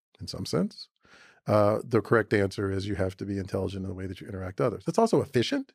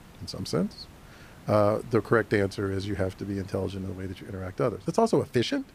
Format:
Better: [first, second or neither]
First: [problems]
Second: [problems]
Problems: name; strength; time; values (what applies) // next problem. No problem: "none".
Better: first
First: none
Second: hiss; faint; throughout; 25 dB below the speech